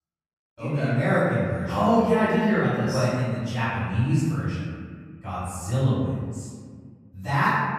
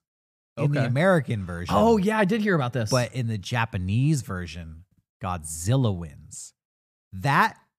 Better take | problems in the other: second | off-mic speech; far // room echo; strong; dies away in 1.7 s

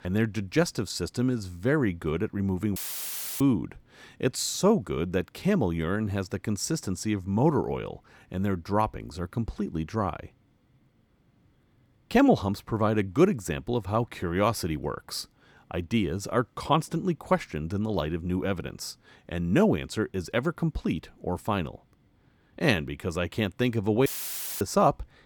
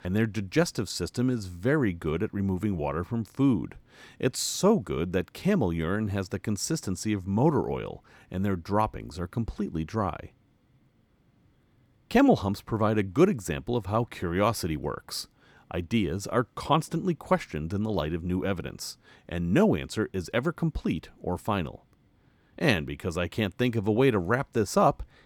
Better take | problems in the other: second | audio cutting out; filled with static; at 3 s for 0.5 s and at 24 s for 0.5 s

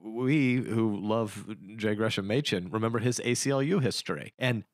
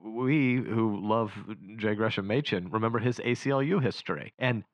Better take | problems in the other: first | muffled; slightly; fading above 2.5 kHz

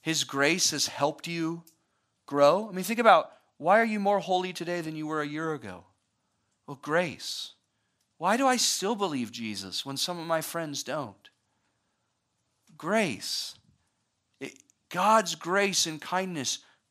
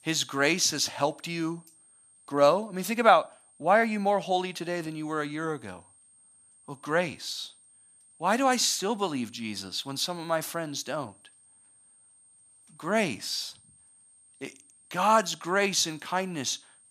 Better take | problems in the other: first | high-pitched whine; faint; throughout; 8.5 kHz, 30 dB below the speech

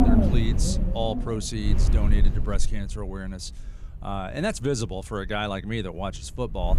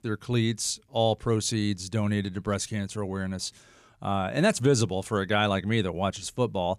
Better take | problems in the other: second | wind noise on the microphone; heavy; 4 dB below the speech

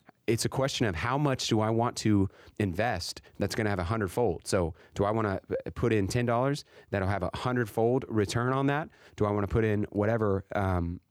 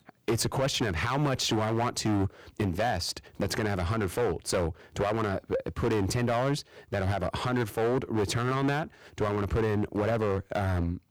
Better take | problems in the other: first | distortion; heavy; 11% of the sound clipped

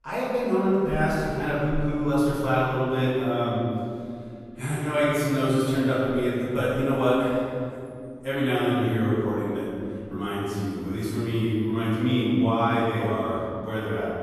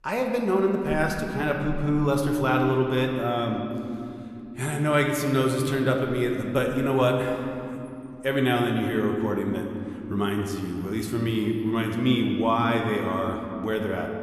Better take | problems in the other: second | room echo; strong; dies away in 2.3 s; slight in the second // off-mic speech; far

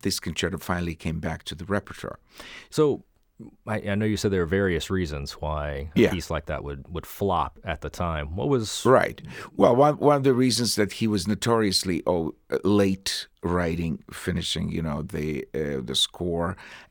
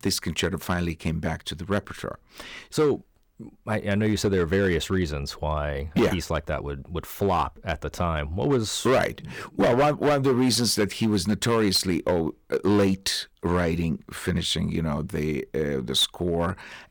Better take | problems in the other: first | distortion; slight; 5% of the sound clipped

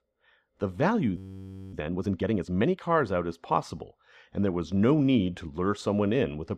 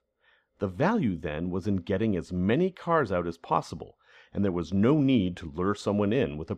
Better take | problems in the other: second | audio freezing; at 1 s for 0.5 s

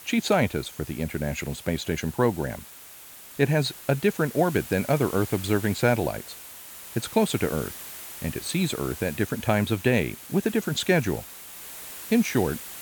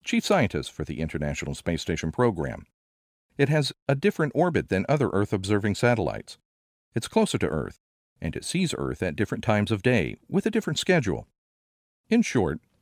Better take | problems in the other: second | hiss; noticeable; throughout; 15 dB below the speech

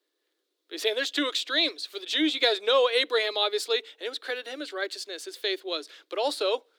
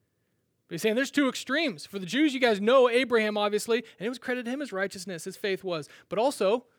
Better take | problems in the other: second | thin; very slightly; fading below 300 Hz

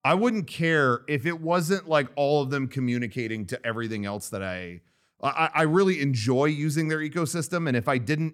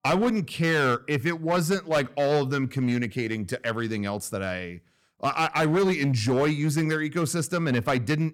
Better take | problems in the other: first | distortion; slight; 8% of the sound clipped

